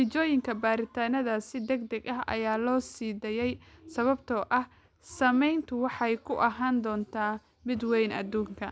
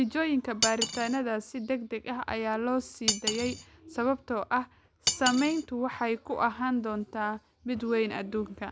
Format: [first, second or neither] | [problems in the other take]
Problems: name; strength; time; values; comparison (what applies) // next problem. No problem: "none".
first | background sound (Cutlery, silverware); 6 dB below the speech